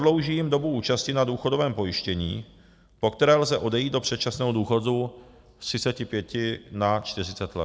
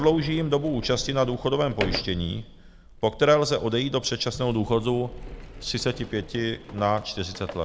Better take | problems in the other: first | background sound (Sliding door); 13 dB below the speech

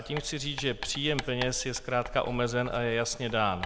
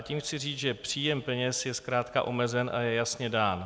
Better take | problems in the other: second | background sound (Writing); 11 dB below the speech

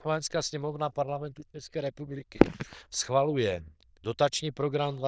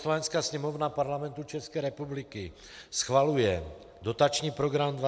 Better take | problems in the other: second | noise reduction (neural diffusion model UNIVERSE++)

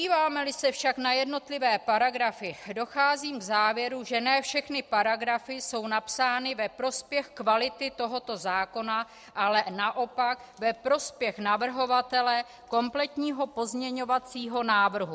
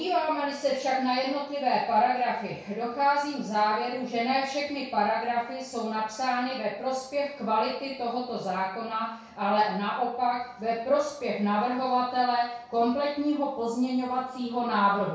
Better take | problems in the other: first | room echo; dies away in 0.6 s

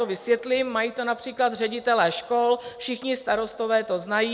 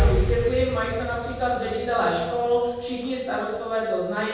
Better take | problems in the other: first | background sound (Explosion); 4 dB below the speech // room echo; dies away in 1.3 s

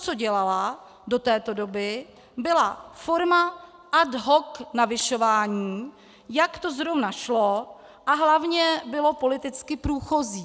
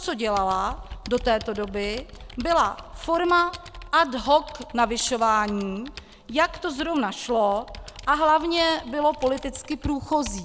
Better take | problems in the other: first | background sound (Computer keyboard); 16 dB below the speech

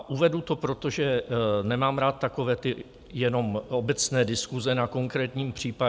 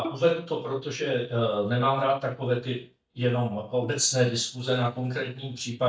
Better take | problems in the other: first | noise reduction (neural mask model DeepFilterNet 3)

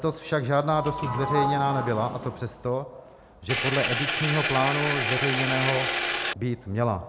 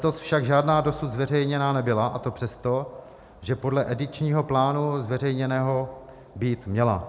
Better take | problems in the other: second | background sound (Engine + Sliding door / Doorbell); 1 dB below the speech

